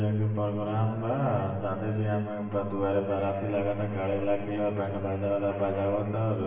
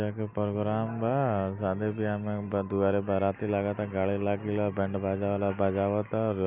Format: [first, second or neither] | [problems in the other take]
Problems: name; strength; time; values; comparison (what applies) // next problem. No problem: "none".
second | room echo; dies away in 1.1 s